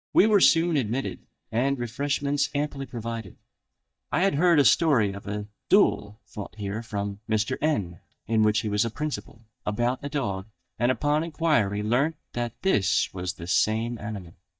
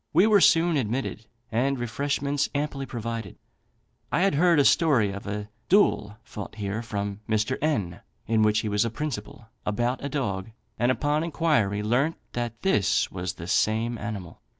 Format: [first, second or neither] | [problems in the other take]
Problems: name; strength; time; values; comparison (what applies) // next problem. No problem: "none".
second | noise reduction (neural mask model DeepFilterNet 3)